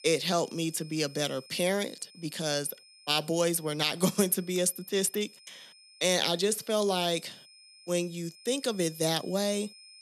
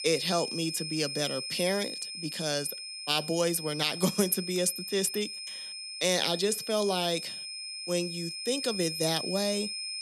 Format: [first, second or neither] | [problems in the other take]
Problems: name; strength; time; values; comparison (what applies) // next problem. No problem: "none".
first | high-pitched whine; loud; throughout; 5 kHz, 6 dB below the speech; faint in the first